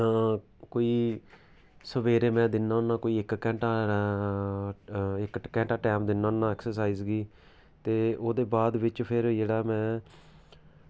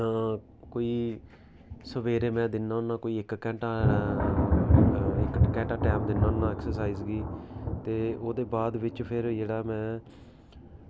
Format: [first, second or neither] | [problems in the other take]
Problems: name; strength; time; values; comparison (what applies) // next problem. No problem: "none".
first | background sound (Thunder); 1 dB above the speech